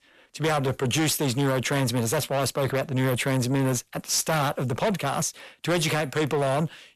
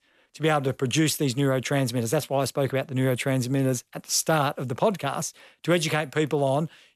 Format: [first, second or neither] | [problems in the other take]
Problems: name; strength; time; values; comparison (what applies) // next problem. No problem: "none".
second | distortion; heavy; 8 dB below the speech